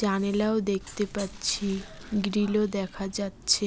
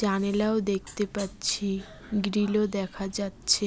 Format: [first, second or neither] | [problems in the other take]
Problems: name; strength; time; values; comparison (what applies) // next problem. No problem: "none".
second | background sound (Fire); 19 dB below the speech